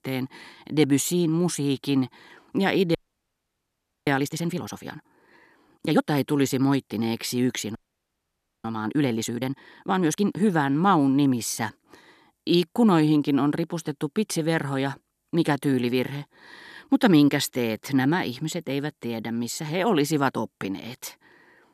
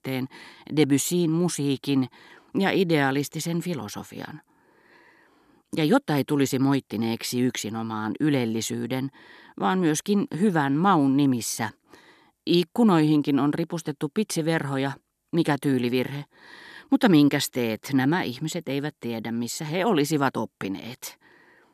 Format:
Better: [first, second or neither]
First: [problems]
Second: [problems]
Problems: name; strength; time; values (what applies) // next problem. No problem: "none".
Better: second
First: audio freezing; at 3 s for 1 s and at 8 s for 1 s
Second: none